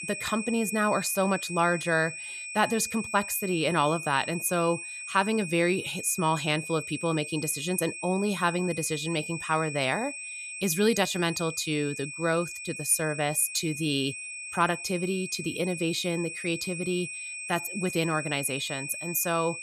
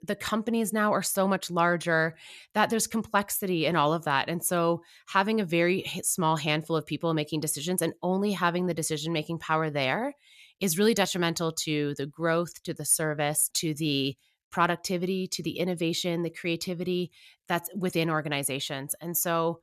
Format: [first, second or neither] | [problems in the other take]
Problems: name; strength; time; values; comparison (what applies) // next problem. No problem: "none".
second | high-pitched whine; loud; throughout; 2.5 kHz, 8 dB below the speech